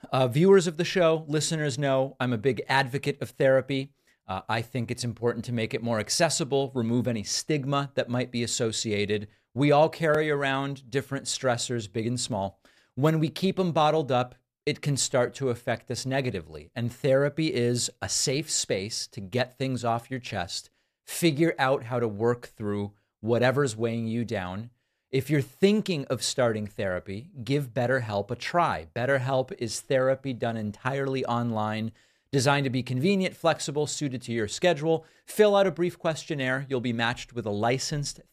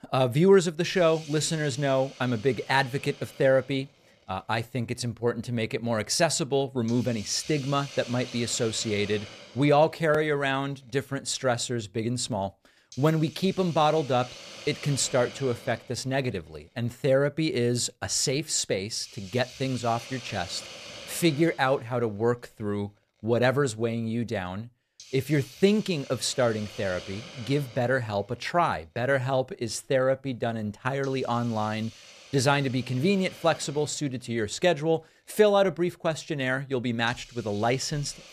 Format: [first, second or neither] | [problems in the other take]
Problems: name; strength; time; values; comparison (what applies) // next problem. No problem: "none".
first | hiss; noticeable; throughout; 15 dB below the speech